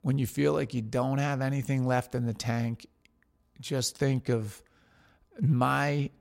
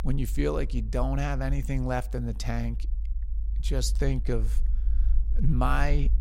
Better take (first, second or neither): first